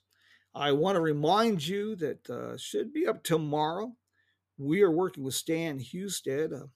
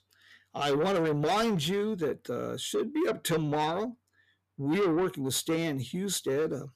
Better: first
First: none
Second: distortion; heavy; 8 dB below the speech

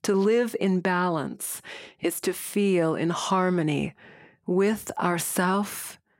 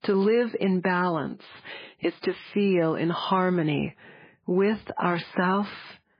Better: first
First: none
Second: garbled, watery; badly

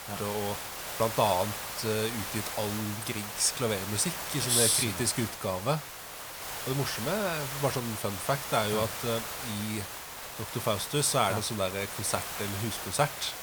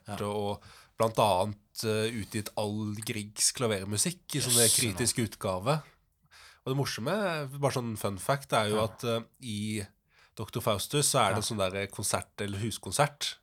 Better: second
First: hiss; loud; throughout; 6 dB below the speech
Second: none

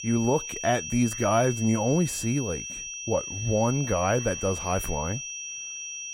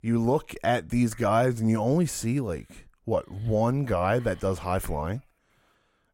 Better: second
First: high-pitched whine; loud; throughout; 6 kHz, 7 dB below the speech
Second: none

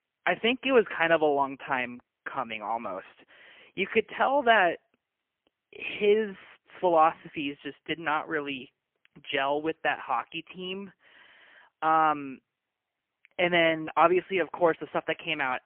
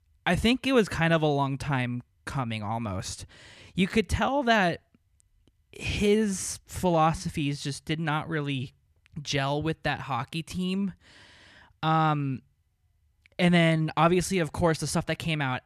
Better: second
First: phone-call audio; poor line; nothing above 3 kHz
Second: none

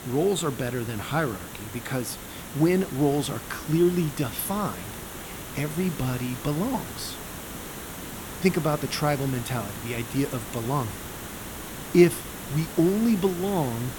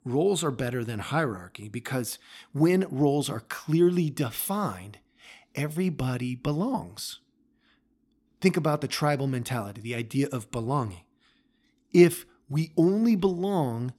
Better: second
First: hiss; noticeable; throughout; 10 dB below the speech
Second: none

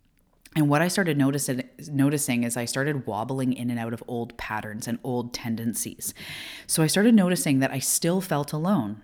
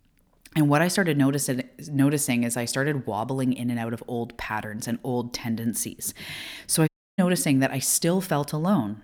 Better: first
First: none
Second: audio cutting out; at 7 s

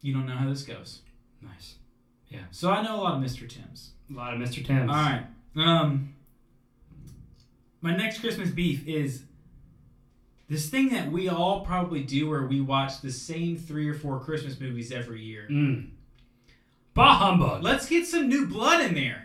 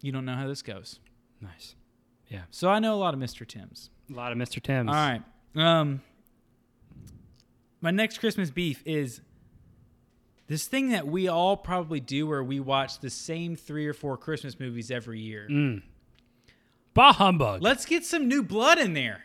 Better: second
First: off-mic speech; far // room echo; very slight; dies away in 0.3 s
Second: none

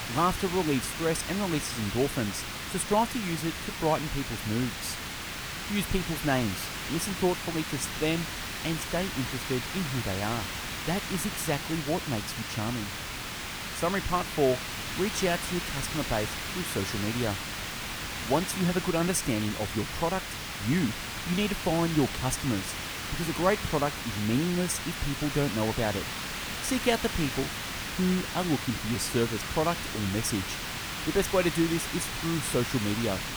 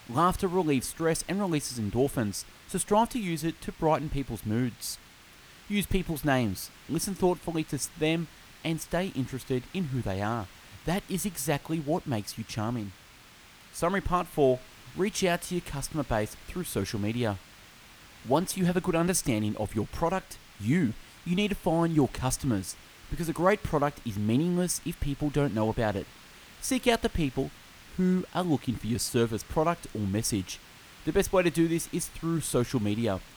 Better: second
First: hiss; loud; throughout; 4 dB below the speech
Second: hiss; faint; throughout; 20 dB below the speech

